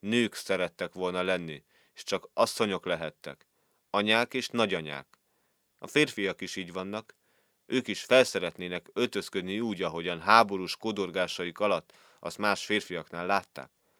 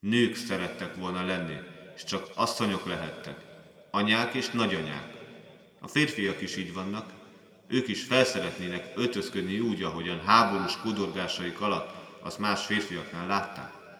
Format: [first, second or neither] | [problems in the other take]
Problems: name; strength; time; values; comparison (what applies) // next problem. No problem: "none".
first | room echo; slight; dies away in 2.1 s